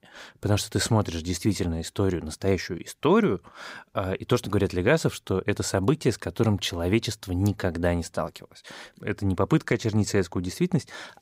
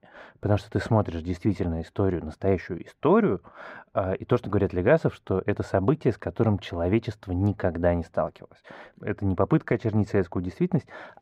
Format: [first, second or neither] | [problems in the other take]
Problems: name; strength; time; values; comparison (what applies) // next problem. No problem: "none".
first | muffled; very; fading above 3.5 kHz